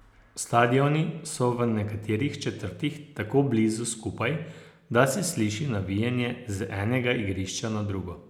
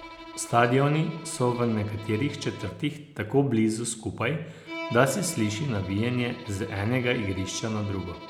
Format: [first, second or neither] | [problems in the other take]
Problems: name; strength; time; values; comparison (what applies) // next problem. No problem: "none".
first | background sound (Bowed string instrument); 16 dB below the speech